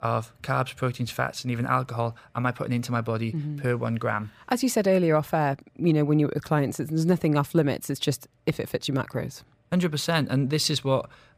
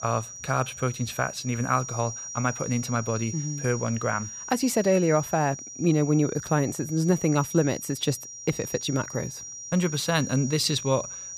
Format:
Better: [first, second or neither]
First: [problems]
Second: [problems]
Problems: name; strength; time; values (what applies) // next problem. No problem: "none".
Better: first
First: none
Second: high-pitched whine; loud; throughout; 5.5 kHz, 10 dB below the speech